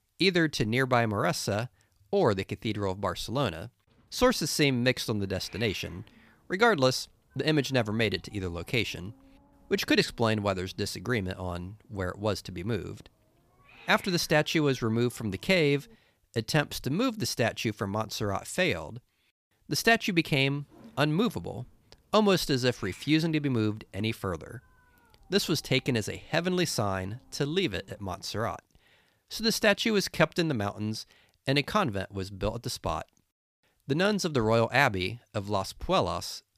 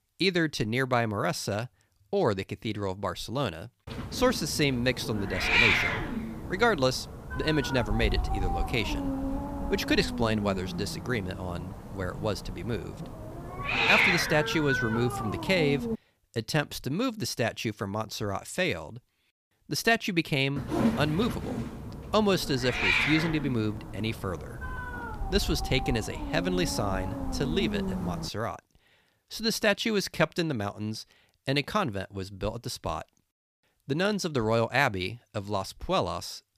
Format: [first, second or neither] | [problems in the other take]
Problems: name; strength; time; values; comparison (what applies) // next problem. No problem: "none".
first | hiss; loud; from 4 to 16 s and from 21 to 28 s; 1 dB below the speech; faint in the first